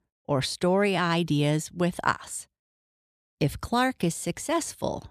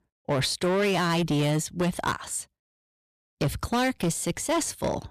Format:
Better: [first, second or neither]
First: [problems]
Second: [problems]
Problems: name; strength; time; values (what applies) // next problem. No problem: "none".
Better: first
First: none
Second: distortion; heavy; 13% of the sound clipped